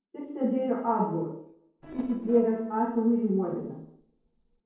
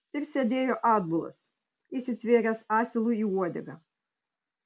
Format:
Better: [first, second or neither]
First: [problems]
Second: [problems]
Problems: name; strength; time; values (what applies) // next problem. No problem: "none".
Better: second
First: noise reduction (neural separator model SepFormer DNS4)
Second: none